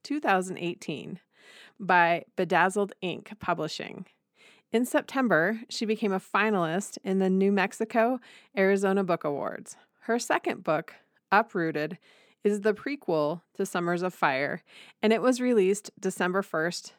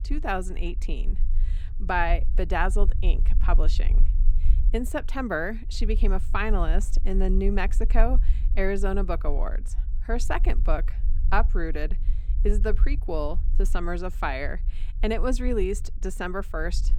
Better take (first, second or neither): first